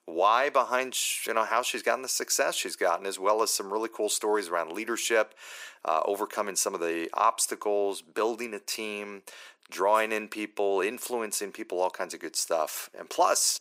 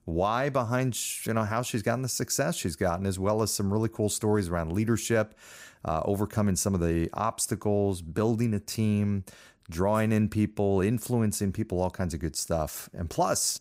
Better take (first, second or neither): second